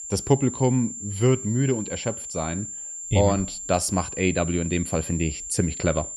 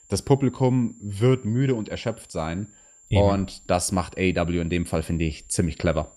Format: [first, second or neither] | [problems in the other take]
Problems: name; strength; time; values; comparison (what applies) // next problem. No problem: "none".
second | high-pitched whine; loud; throughout; 7.5 kHz, 8 dB below the speech; faint in the second